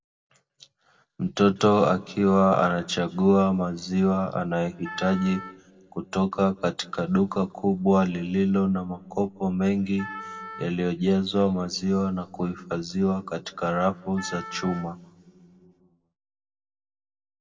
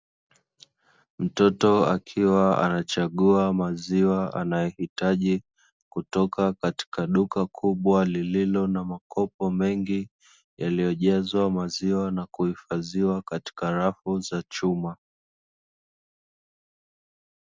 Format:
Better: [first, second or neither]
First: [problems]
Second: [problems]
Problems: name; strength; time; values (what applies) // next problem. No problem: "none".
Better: second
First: background sound (Wind instrument, woodwind instrument); 15 dB below the speech // room echo; dies away in 1.3 s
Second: none